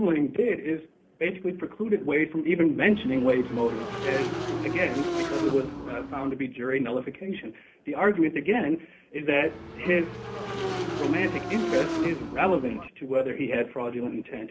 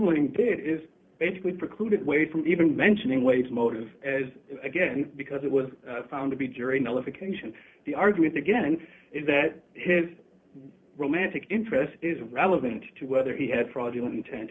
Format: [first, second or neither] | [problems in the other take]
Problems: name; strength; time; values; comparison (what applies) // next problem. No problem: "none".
second | background sound (Motorcycle / Engine); 5 dB below the speech